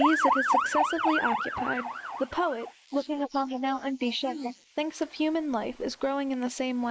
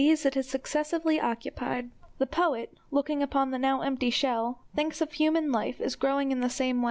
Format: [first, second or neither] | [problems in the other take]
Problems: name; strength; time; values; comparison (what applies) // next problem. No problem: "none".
second | noise reduction (neural mask model Resemble Enhance denoiser)